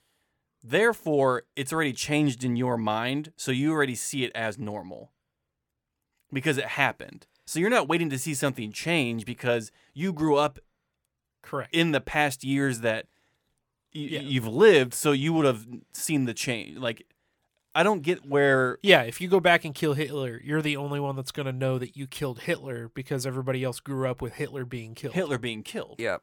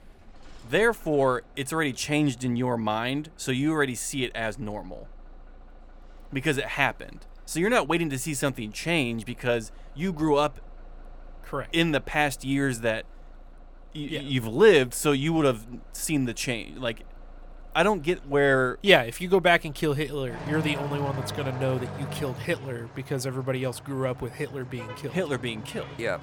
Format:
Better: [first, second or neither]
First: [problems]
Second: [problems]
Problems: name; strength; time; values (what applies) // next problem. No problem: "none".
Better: first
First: none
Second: traffic noise; noticeable; throughout; 20 dB below the speech